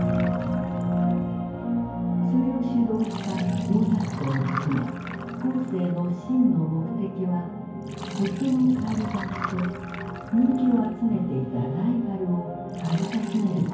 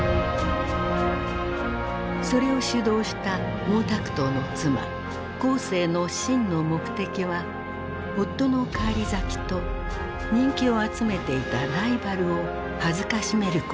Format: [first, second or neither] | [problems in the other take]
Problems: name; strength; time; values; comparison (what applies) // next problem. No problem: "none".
second | background sound (Liquid); 17 dB below the speech // room echo; dies away in 0.9 s